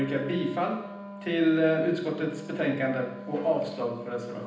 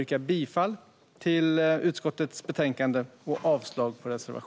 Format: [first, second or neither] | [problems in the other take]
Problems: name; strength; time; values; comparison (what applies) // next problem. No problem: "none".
second | background sound (Wind instrument, woodwind instrument); 14 dB below the speech // room echo; dies away in 0.9 s